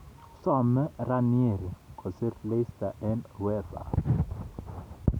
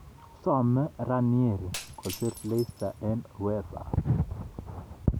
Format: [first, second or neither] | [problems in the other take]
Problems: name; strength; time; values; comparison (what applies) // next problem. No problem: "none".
first | background sound (Shatter); 17 dB below the speech